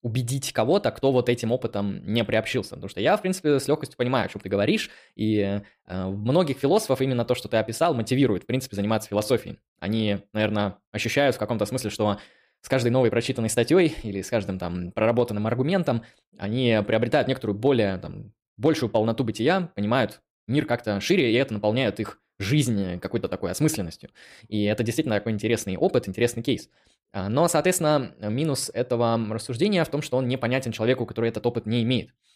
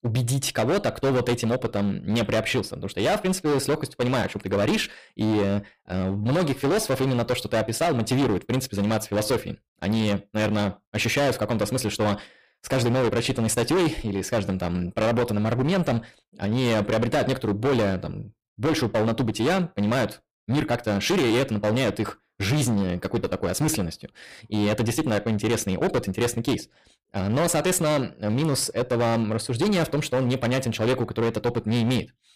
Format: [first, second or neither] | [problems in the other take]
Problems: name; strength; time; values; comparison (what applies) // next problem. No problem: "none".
first | distortion; heavy; 17% of the sound clipped